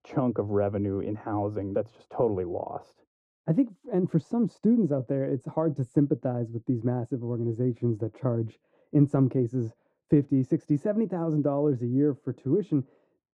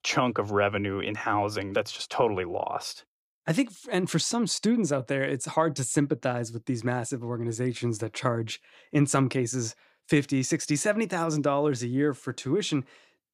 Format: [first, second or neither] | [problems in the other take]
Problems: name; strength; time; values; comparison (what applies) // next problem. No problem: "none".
second | muffled; very; fading above 1.5 kHz